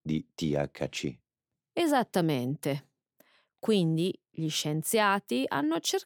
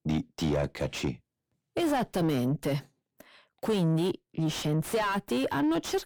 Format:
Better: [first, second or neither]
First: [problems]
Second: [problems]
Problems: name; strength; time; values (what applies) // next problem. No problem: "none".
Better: first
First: none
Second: distortion; heavy; 6 dB below the speech